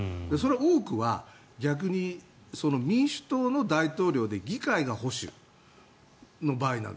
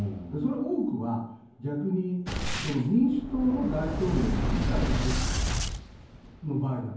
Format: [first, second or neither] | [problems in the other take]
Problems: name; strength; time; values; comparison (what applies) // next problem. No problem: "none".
first | background sound (Boom); 3 dB below the speech // room echo; dies away in 0.9 s